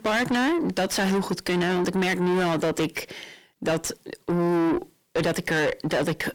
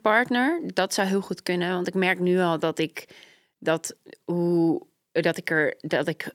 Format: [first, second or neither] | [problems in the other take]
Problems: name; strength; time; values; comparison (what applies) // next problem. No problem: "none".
second | distortion; heavy; 6 dB below the speech